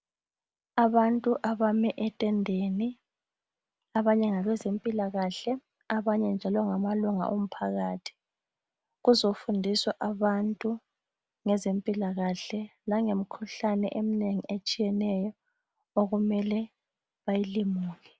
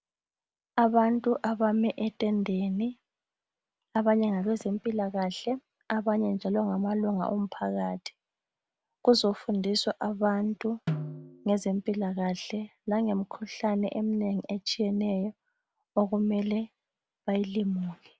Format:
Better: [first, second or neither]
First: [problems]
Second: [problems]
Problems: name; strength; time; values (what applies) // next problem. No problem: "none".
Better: first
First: none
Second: background sound (Snare drum); 10 dB below the speech